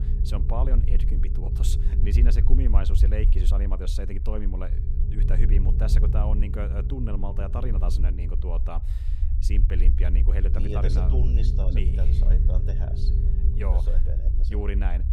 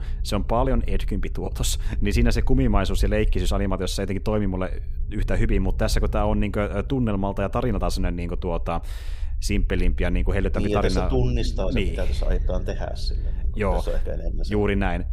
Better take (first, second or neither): second